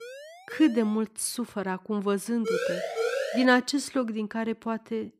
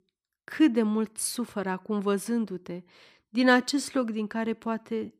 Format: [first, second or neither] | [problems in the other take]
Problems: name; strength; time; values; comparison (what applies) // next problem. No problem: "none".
second | siren; faint; at the start; peak 15 dB below the speech // siren; noticeable; from 2.5 to 3.5 s; peak 1 dB below the speech